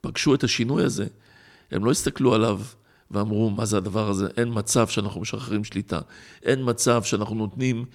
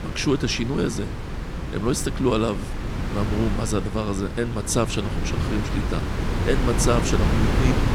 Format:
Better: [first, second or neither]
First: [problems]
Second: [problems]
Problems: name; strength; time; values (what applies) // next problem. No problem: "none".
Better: first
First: none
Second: wind noise on the microphone; heavy; 4 dB below the speech